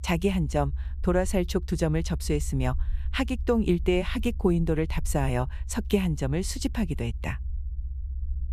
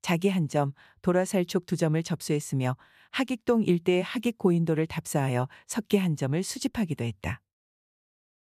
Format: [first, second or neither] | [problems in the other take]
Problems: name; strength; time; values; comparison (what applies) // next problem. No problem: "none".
second | low rumble; faint; throughout; 25 dB below the speech